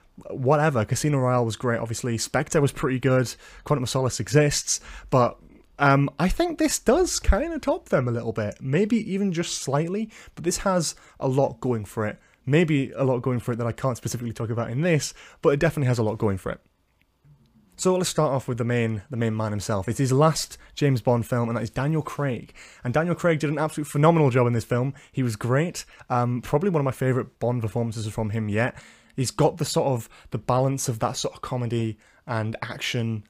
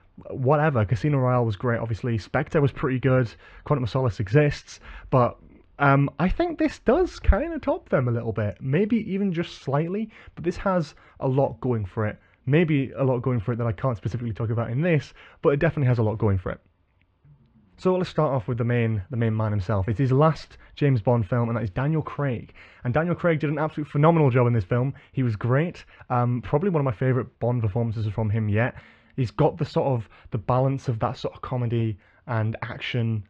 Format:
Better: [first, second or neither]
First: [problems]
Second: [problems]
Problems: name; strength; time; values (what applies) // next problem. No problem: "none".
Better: first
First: none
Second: muffled; very; fading above 3 kHz